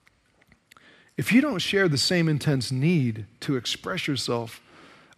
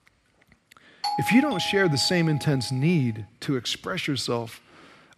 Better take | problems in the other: first | doorbell; noticeable; from 1 to 2.5 s; peak 4 dB below the speech

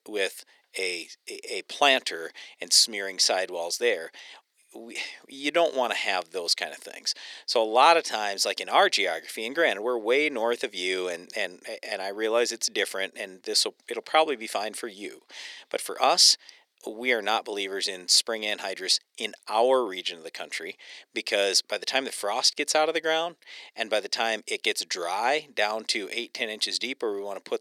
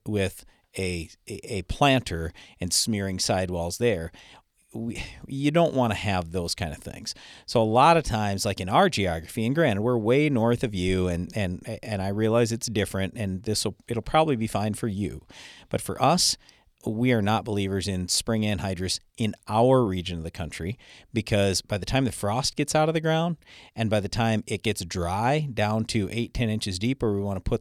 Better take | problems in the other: second | thin; very; fading below 350 Hz

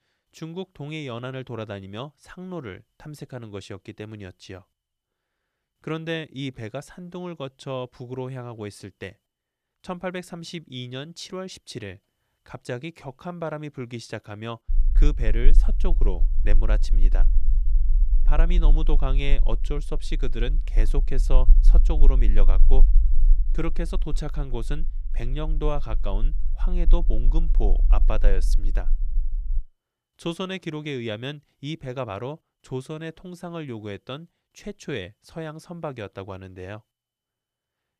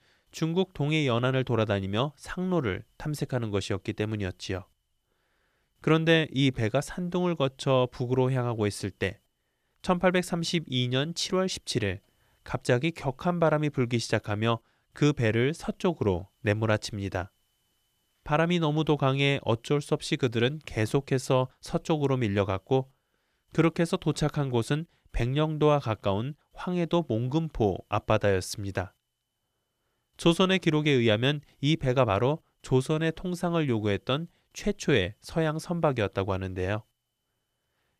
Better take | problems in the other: second | low rumble; noticeable; from 15 to 30 s; 15 dB below the speech

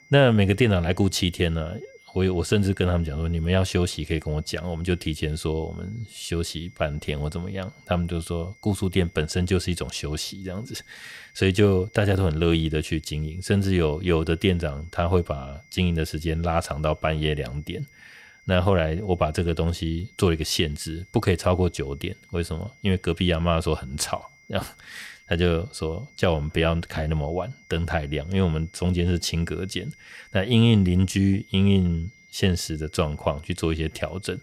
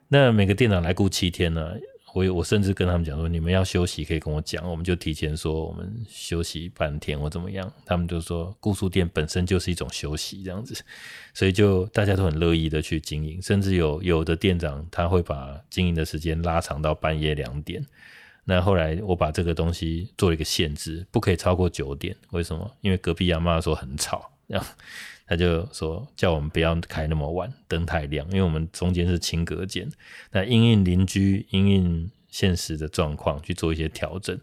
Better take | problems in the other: second | high-pitched whine; faint; throughout; 2 kHz, 25 dB below the speech

